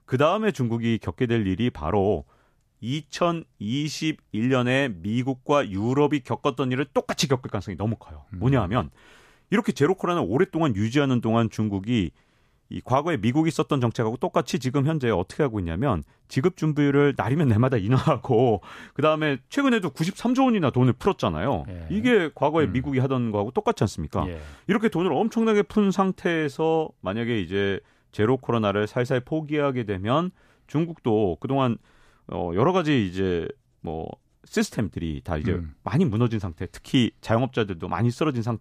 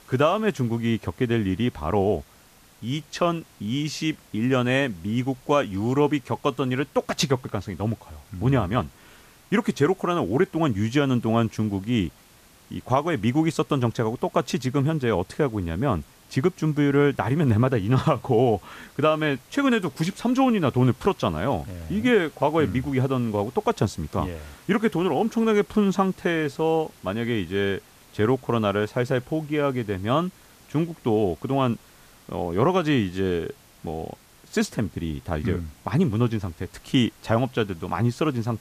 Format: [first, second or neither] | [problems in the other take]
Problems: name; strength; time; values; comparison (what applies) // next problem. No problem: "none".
first | hiss; faint; throughout; 25 dB below the speech